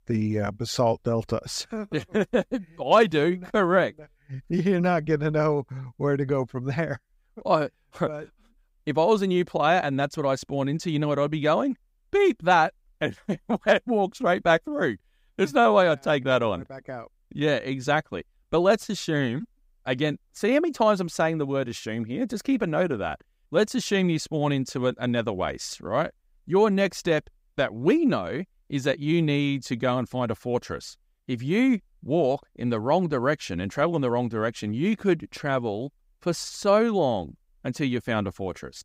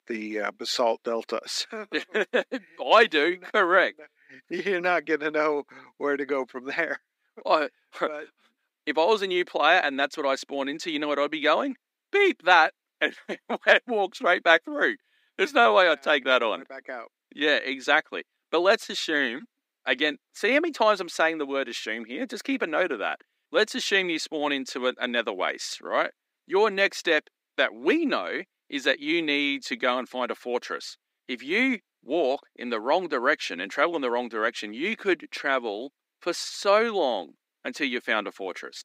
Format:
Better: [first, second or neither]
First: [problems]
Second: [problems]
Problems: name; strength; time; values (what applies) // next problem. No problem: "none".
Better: first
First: none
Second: thin; somewhat; fading below 250 Hz